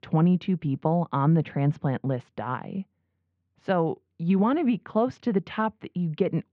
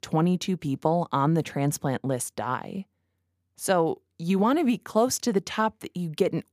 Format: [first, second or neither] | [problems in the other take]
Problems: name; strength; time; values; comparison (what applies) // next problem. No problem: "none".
second | muffled; very; fading above 3 kHz